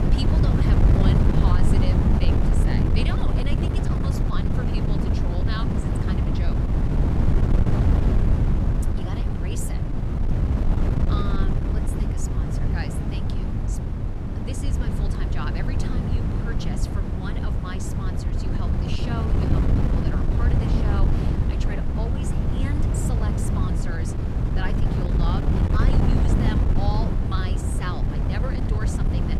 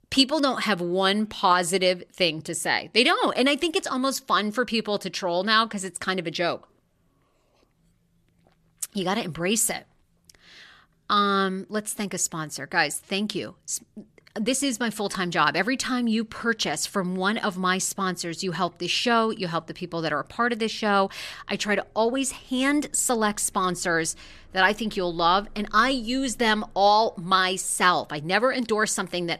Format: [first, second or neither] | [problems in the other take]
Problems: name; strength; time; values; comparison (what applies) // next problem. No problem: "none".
second | wind noise on the microphone; heavy; 3 dB above the speech